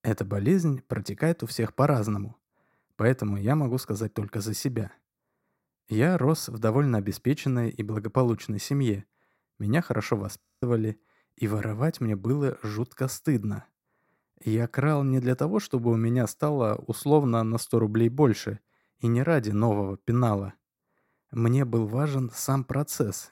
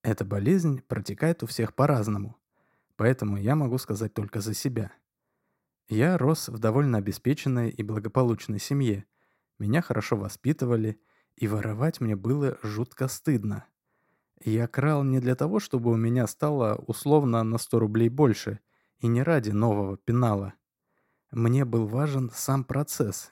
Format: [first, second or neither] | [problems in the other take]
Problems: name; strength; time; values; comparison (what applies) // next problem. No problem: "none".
second | audio freezing; at 10 s